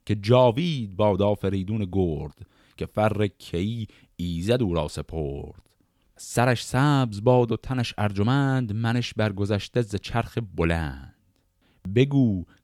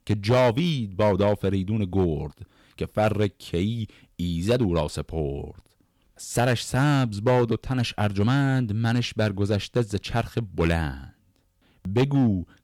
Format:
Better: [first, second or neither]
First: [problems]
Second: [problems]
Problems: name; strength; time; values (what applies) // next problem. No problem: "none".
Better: first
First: none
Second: distortion; slight; 4% of the sound clipped